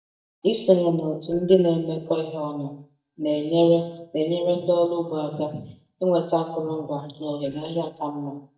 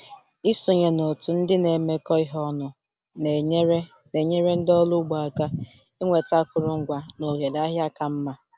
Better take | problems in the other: second | noise reduction (neural mask model DeepFilterNet 3)

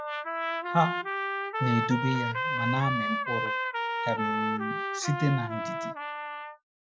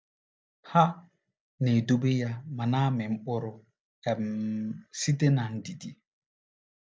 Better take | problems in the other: second | noise reduction (classical method Wiener filter)

